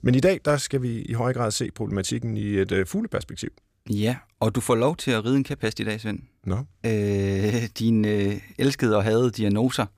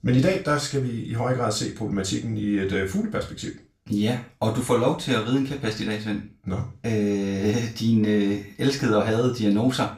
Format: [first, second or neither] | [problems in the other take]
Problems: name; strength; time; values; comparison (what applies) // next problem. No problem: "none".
first | room echo; slight; dies away in 0.3 s // off-mic speech; far